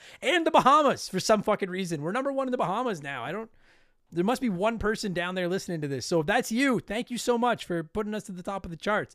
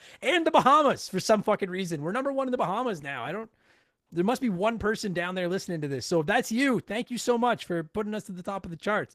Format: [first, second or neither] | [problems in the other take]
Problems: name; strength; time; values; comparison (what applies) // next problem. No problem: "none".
first | garbled, watery; slightly; nothing above 14.5 kHz